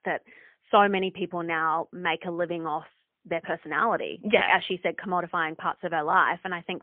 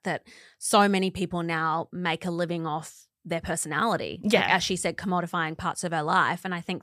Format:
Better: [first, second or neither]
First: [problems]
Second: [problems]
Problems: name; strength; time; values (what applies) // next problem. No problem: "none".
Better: second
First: phone-call audio; poor line; nothing above 3.5 kHz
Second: none